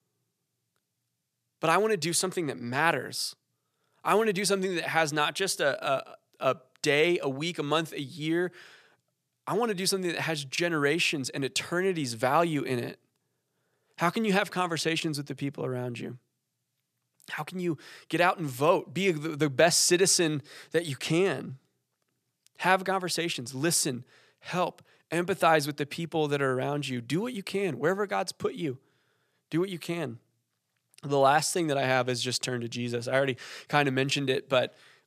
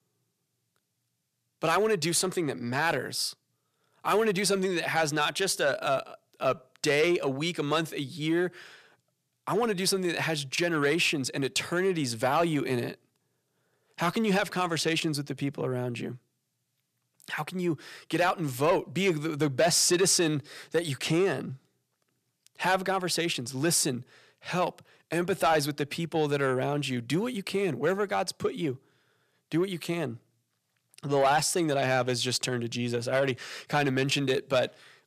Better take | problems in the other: first | distortion; slight; 10 dB below the speech

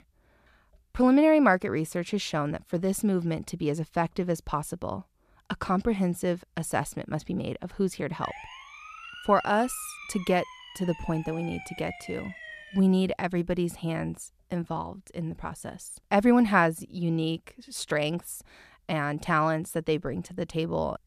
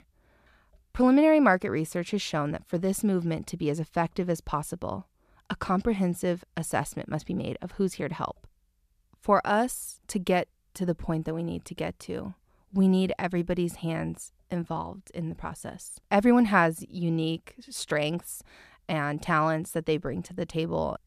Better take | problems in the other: second | siren; faint; from 8 to 13 s; peak 15 dB below the speech

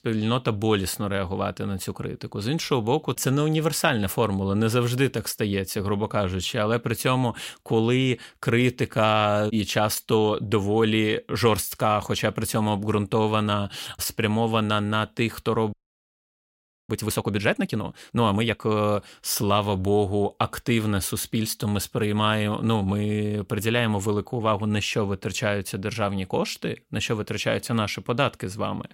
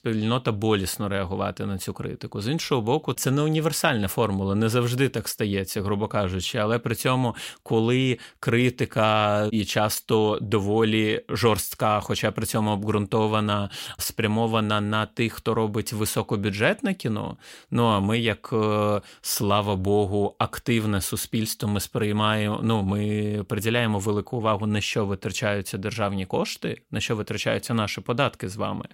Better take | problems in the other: second | audio freezing; at 16 s for 1 s

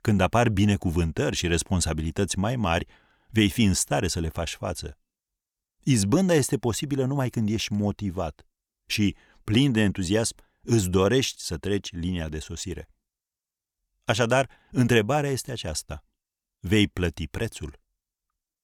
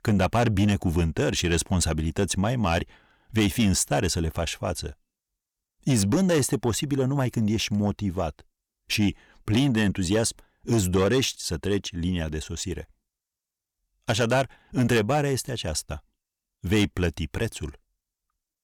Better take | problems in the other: first | distortion; slight; 10 dB below the speech

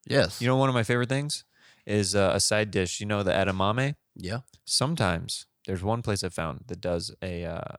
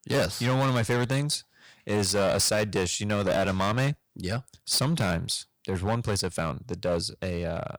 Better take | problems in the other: first | distortion; heavy; 11% of the sound clipped

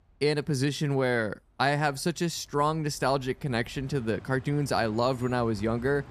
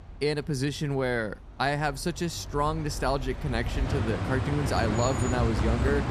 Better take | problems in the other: first | traffic noise; loud; throughout; 1 dB below the speech; faint in the first

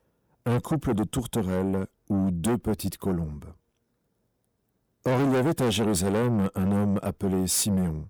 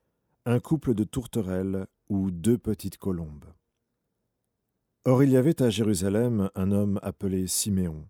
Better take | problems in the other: second | distortion; heavy; 6 dB below the speech

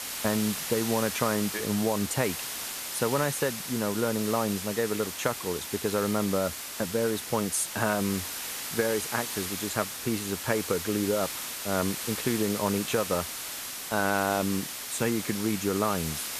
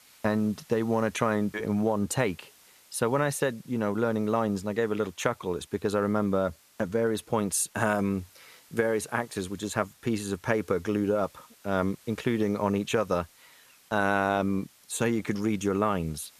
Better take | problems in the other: second | hiss; loud; throughout; 4 dB below the speech; faint in the second

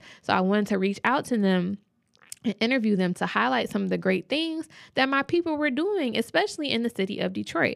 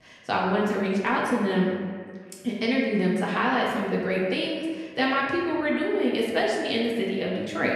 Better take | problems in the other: first | room echo; noticeable; dies away in 1.4 s // off-mic speech; far

